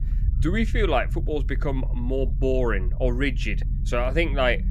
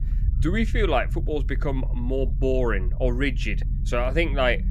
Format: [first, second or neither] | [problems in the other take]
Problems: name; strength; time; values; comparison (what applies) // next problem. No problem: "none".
neither | low rumble; noticeable; throughout; 20 dB below the speech; the same in both